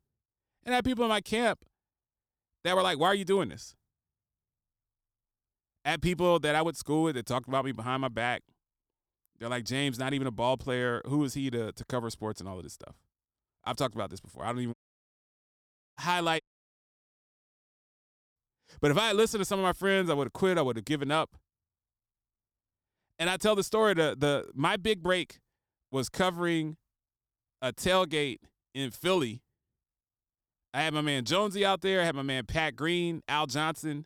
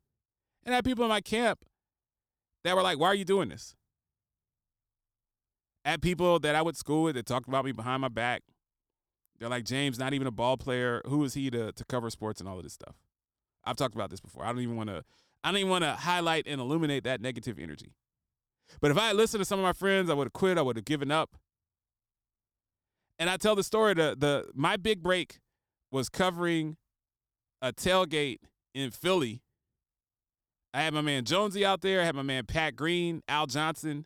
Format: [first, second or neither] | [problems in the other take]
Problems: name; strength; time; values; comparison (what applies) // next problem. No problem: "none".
second | audio cutting out; at 15 s for 1 s and at 16 s for 2 s